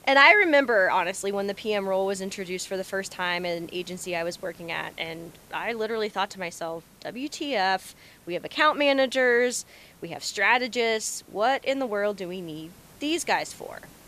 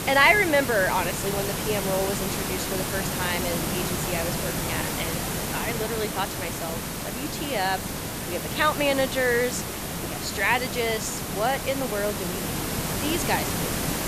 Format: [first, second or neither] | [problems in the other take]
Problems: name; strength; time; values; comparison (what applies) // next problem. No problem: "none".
first | hiss; loud; throughout; 2 dB below the speech; faint in the first